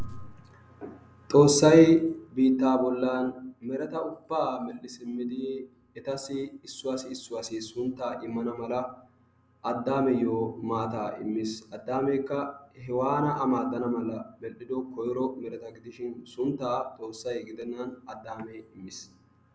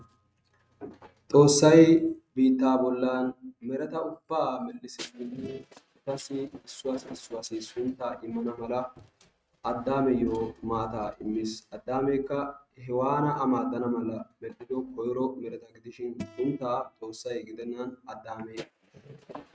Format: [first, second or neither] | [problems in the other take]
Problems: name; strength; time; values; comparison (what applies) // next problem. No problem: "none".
first | noise reduction (neural mask model RNNoise)